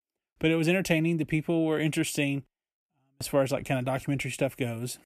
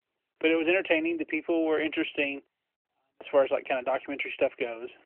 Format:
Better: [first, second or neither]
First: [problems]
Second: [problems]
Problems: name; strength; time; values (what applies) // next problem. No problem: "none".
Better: first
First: none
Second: phone-call audio; nothing above 3 kHz